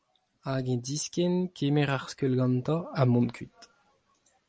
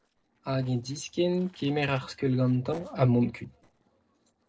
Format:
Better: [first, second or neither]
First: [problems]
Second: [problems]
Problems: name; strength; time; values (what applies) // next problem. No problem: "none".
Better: first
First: none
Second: noise reduction (neural separator model SepFormer DNS4)